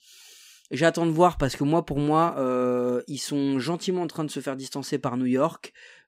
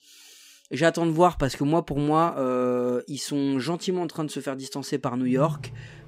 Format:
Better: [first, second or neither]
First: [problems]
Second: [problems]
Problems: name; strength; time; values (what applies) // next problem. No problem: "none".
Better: first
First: none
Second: animal sounds; noticeable; throughout; 10 dB below the speech